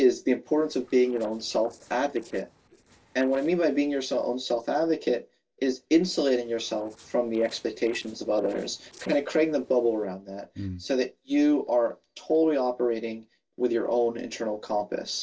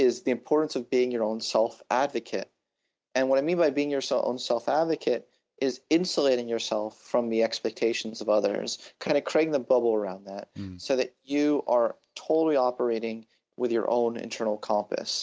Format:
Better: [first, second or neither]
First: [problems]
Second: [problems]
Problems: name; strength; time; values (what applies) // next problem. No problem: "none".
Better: second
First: noise reduction (neural separator model SepFormer DNS4)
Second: none